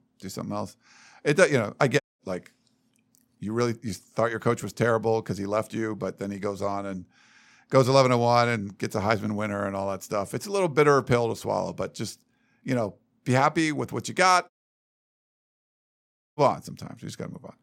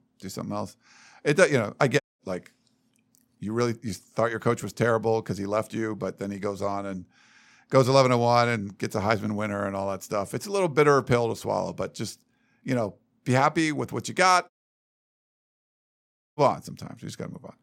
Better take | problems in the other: neither | audio cutting out; at 2 s and at 15 s for 2 s; the same in both

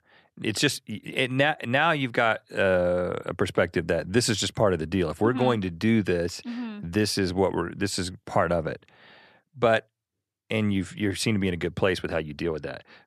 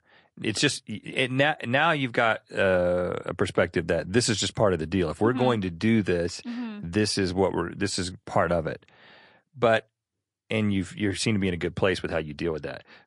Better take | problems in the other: first | garbled, watery; slightly

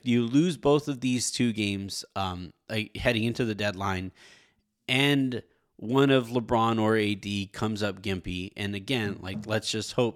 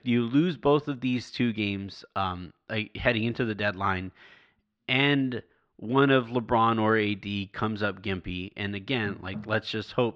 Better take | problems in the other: first | muffled; slightly; fading above 4 kHz

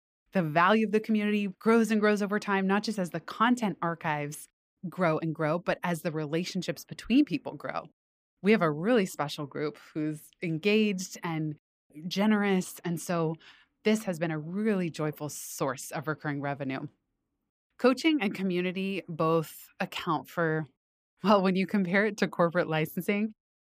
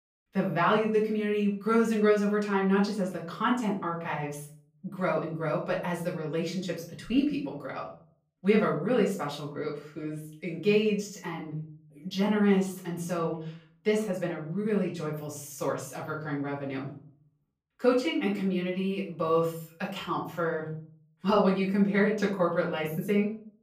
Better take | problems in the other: first | room echo; slight; dies away in 0.4 s // off-mic speech; far

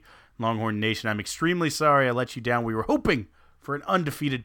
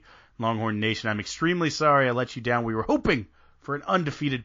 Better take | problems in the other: first | garbled, watery; slightly

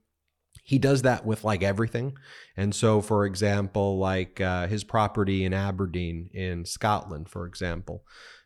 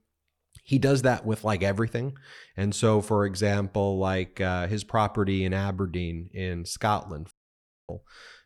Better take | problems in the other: first | audio cutting out; at 7.5 s for 0.5 s

